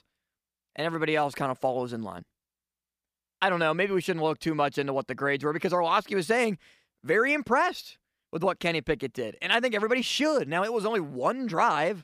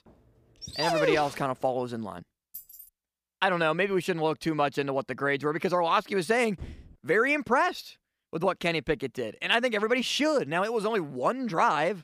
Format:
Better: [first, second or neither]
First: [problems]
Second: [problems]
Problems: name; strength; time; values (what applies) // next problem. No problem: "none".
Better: first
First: none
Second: dog barking; loud; at 0.5 s; peak level with the speech // jangling keys; faint; at 2.5 s; peak 15 dB below the speech // door banging; faint; at 6.5 s; peak 20 dB below the speech